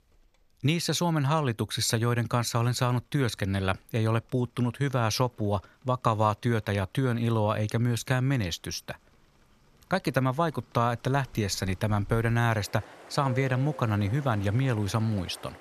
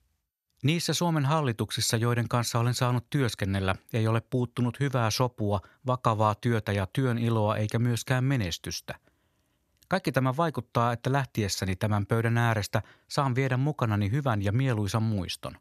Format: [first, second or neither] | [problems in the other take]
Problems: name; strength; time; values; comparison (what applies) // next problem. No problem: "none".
second | rain or running water; noticeable; throughout; 20 dB below the speech